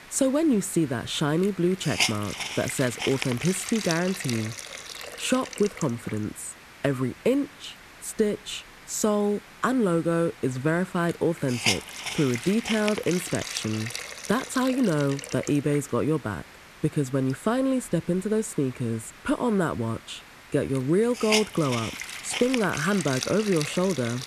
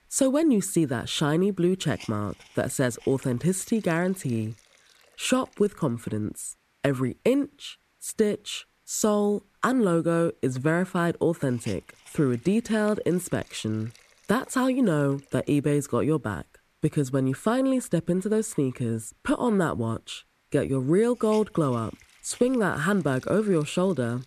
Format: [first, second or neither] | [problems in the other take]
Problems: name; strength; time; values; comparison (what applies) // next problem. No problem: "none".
second | hiss; loud; throughout; 5 dB below the speech; faint in the second